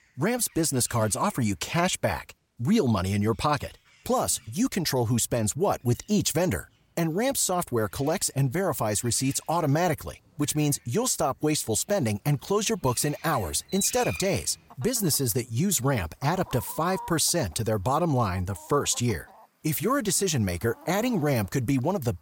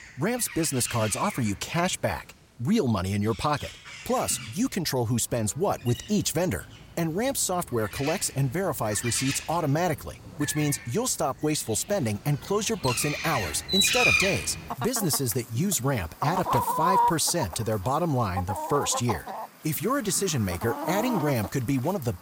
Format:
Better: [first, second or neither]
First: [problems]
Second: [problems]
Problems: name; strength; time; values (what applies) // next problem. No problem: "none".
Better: first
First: animal sounds; faint; throughout; 20 dB below the speech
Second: animal sounds; loud; throughout; 3 dB below the speech